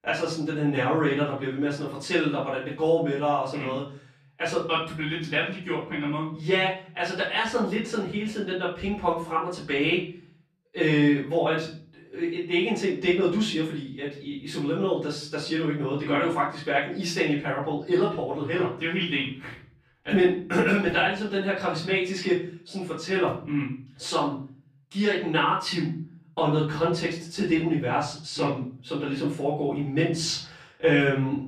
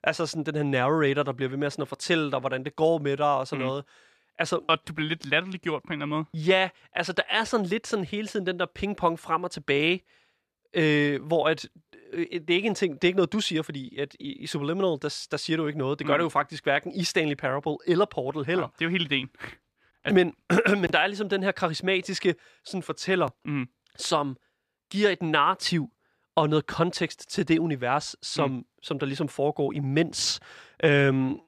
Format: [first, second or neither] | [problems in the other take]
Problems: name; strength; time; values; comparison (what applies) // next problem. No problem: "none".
second | room echo; noticeable; dies away in 0.5 s // off-mic speech; far